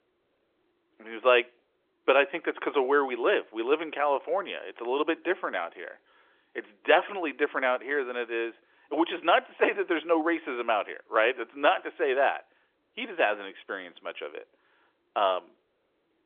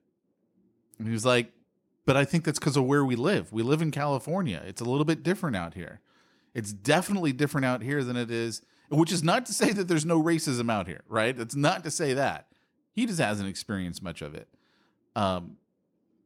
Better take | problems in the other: second | phone-call audio; nothing above 3.5 kHz

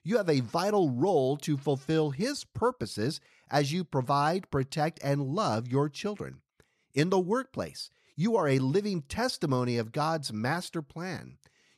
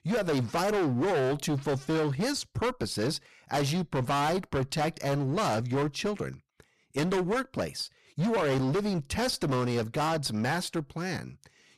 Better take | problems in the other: first | distortion; heavy; 23% of the sound clipped

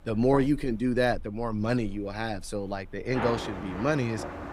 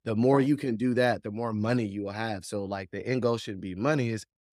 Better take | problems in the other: second | rain or running water; noticeable; throughout; 10 dB below the speech

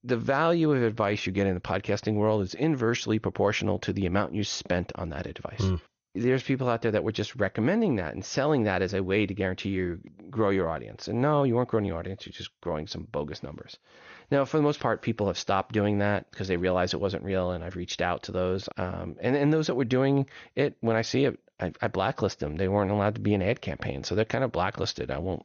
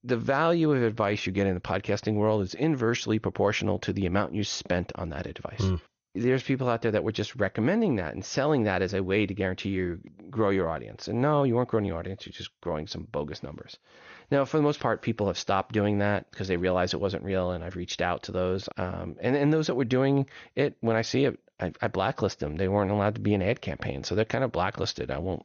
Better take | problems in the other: neither | garbled, watery; slightly; nothing above 6.5 kHz; the same in both

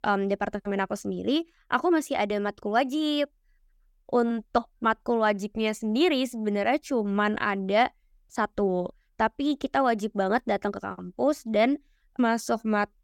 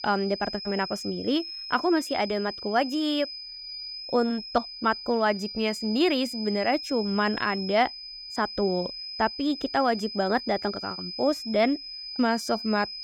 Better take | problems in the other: first | high-pitched whine; loud; throughout; 5 kHz, 8 dB below the speech

